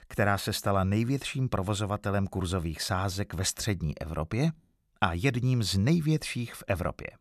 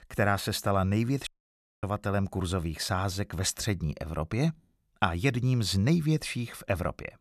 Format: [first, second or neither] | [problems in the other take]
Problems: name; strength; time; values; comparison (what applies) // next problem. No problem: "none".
first | audio cutting out; at 1.5 s for 0.5 s